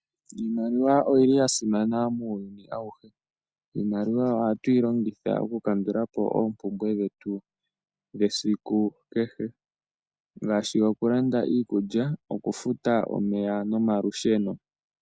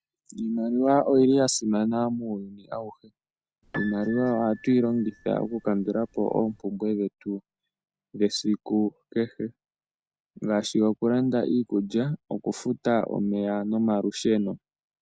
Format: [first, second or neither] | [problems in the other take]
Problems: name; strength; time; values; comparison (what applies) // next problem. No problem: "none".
first | background sound (Piano); 18 dB below the speech